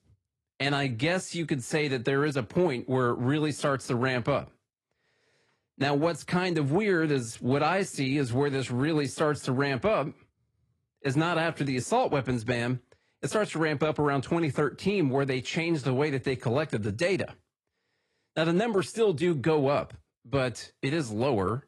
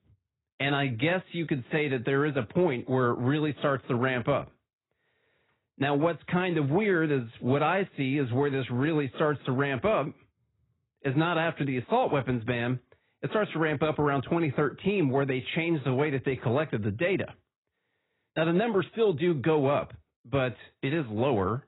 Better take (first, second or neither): first